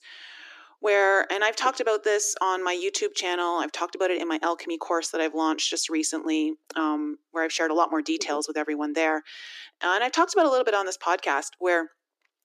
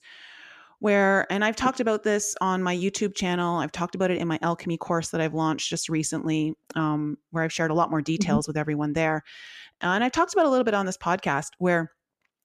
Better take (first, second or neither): second